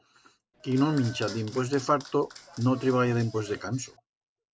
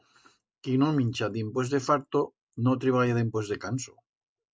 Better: second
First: background sound (Applause / Clapping); 18 dB below the speech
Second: none

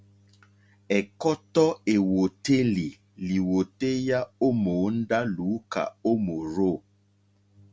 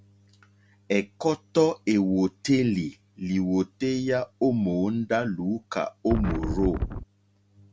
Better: first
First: none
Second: background sound (Wind); 2 dB below the speech

